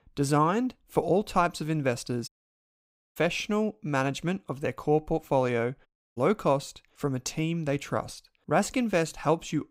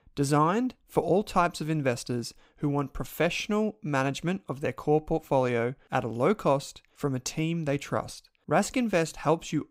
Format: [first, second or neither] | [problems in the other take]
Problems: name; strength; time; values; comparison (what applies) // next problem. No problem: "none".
second | audio cutting out; at 2.5 s for 1 s and at 6 s